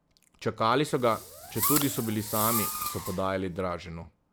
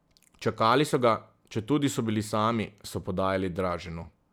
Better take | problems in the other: second | background sound (Fireworks); 4 dB below the speech

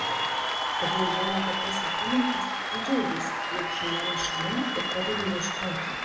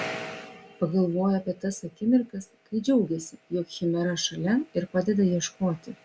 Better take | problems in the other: second | background sound (Applause / Cheering); 3 dB above the speech // room echo; dies away in 0.8 s

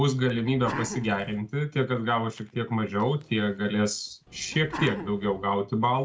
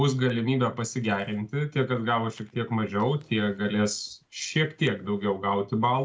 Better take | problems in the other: second | background sound (Sneeze); 11 dB below the speech

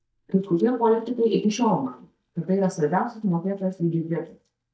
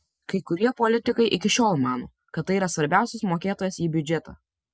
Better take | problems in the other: second | noise reduction (neural mask model DeepFilterNet 3)

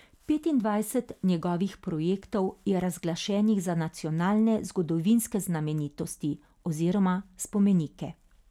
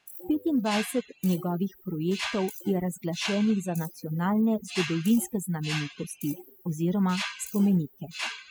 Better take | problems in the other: first | noise reduction (classical method spectral subtraction)

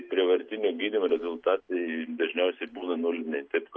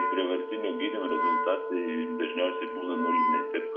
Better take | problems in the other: first | background sound (Wind instrument, woodwind instrument); 1 dB above the speech // room echo; dies away in 0.6 s

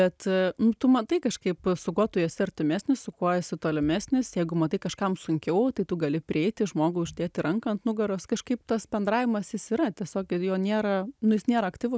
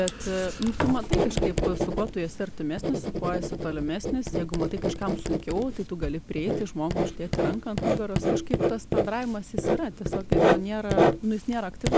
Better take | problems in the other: first | background sound (Writing); 3 dB above the speech

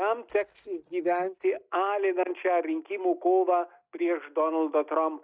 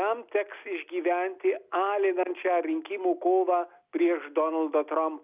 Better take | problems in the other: second | noise reduction (neural mask model DeepFilterNet 3)

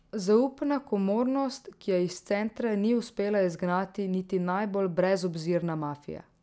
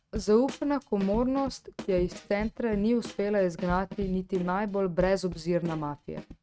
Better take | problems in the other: first | noise reduction (neural mask model RNNoise)

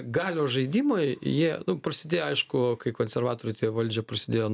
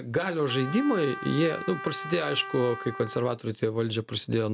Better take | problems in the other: first | background sound (Trumpet); 11 dB below the speech

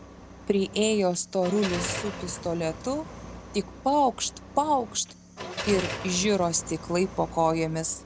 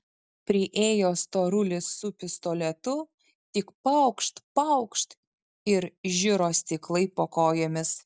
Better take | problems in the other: second | background sound (Car); 11 dB below the speech

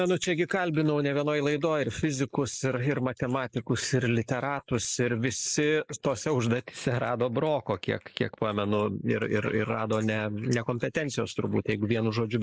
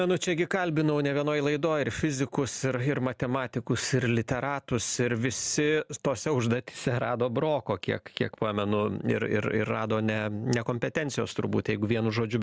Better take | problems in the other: second | noise reduction (neural mask model Resemble Enhance denoiser)

